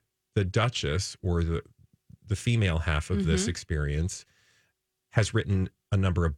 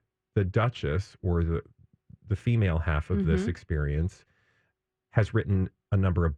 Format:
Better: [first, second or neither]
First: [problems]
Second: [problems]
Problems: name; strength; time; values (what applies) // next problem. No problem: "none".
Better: first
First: none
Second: muffled; very; fading above 3 kHz